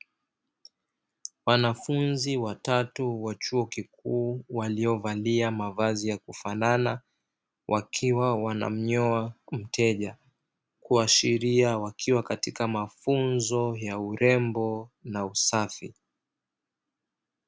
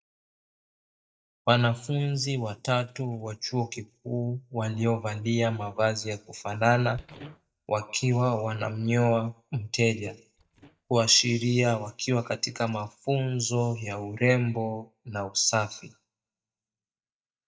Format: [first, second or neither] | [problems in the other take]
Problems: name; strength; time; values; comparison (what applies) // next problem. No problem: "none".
first | noise reduction (neural mask model DeepFilterNet 3)